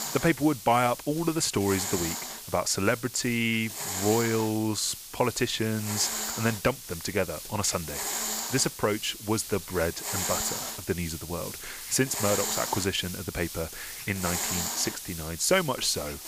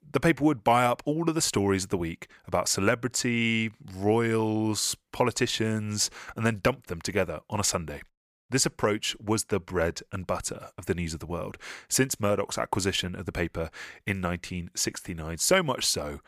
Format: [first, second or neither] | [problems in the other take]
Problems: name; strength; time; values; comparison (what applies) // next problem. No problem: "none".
second | hiss; loud; throughout; 5 dB below the speech